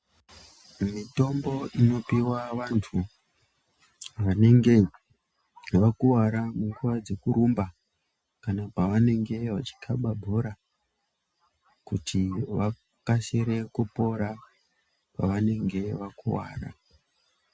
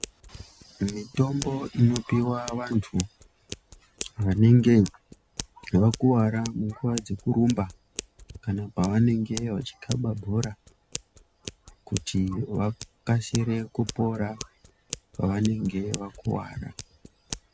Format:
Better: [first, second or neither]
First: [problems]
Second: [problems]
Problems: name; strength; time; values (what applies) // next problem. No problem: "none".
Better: first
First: none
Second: background sound (Scissors); 16 dB below the speech